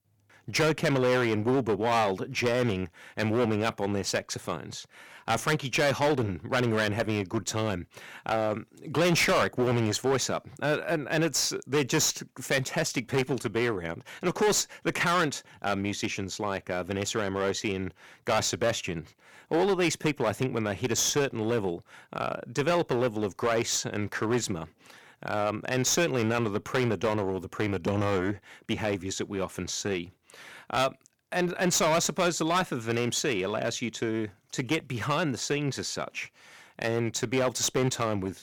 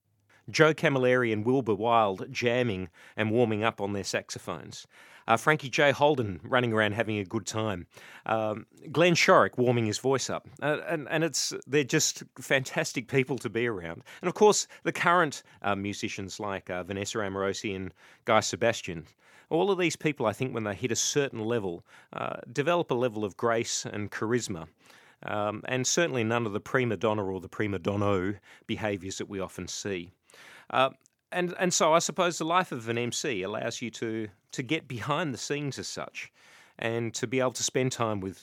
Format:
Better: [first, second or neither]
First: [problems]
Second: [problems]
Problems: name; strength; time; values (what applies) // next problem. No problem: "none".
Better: second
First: distortion; heavy; 10% of the sound clipped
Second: none